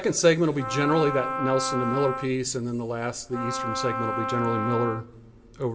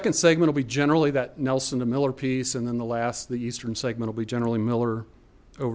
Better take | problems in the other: second | background sound (Wind instrument, woodwind instrument); 4 dB below the speech // room echo; dies away in 1.7 s

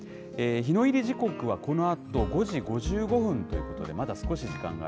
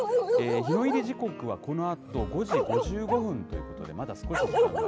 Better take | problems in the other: first | background sound (Bark); 2 dB above the speech

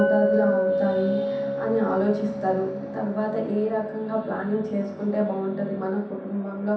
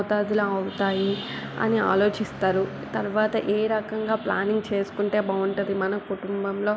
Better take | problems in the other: second | background sound (Chink, clink); 3 dB below the speech // room echo; dies away in 0.7 s

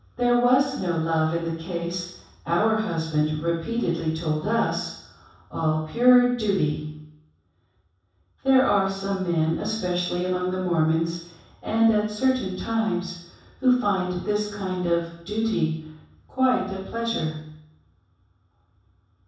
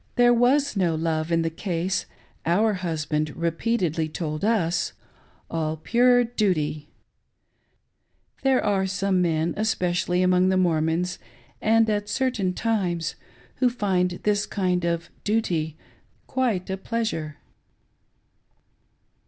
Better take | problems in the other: second | room echo; dies away in 0.7 s

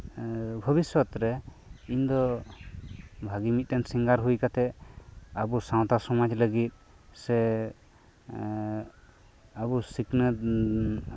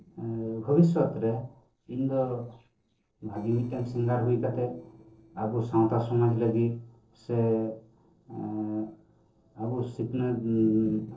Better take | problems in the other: first | noise reduction (neural separator model SepFormer DNS4)

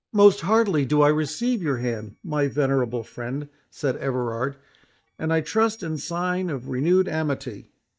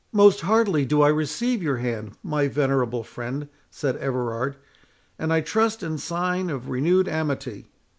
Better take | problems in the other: second | noise reduction (neural mask model DeepFilterNet 3)

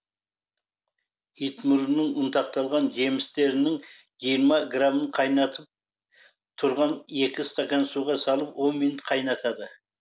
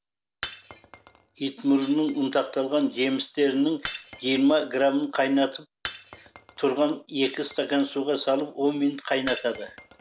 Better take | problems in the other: first | background sound (Shatter); 18 dB below the speech

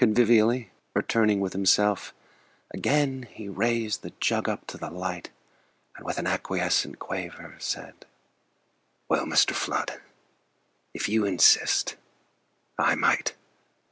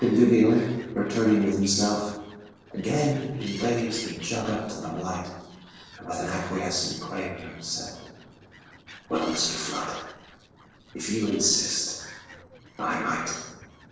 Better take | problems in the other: first | noise reduction (neural separator model SepFormer DNS4)

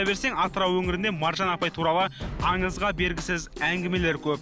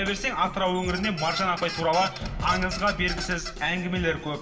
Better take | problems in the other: first | background sound (Squeak); 11 dB below the speech // room echo; dies away in 0.9 s

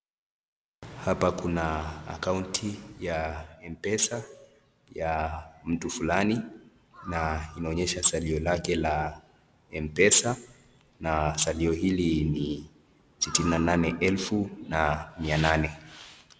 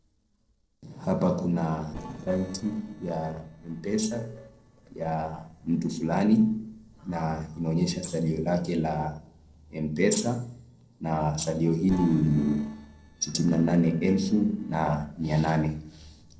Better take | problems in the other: first | noise reduction (neural separator model SepFormer DNS4)

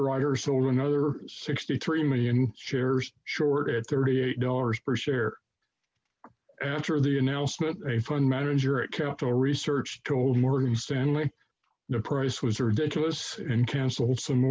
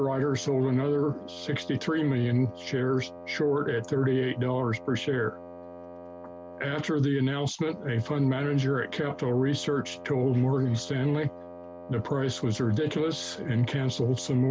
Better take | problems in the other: first | background sound (Wind instrument, woodwind instrument); 15 dB below the speech

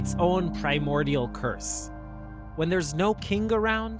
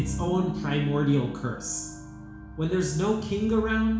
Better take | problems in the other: first | room echo; dies away in 0.7 s

